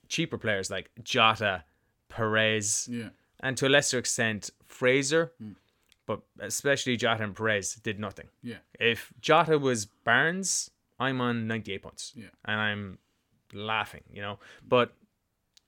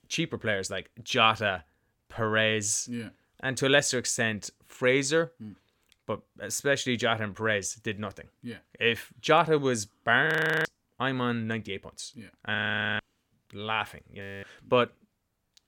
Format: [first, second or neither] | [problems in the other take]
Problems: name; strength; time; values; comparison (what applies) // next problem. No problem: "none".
first | audio freezing; at 10 s, at 13 s and at 14 s